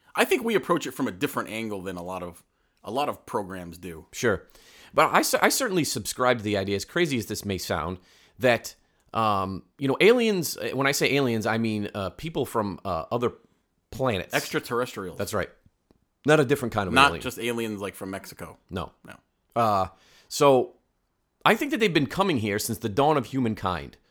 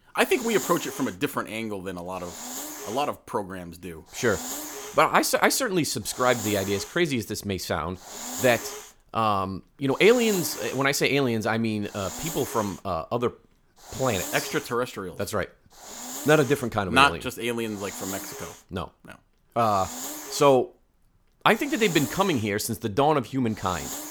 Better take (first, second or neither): first